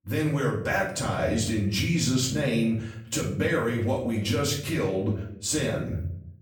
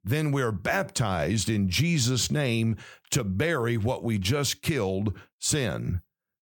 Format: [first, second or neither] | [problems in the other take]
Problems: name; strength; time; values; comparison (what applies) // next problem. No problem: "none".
second | off-mic speech; far // room echo; slight; dies away in 0.5 s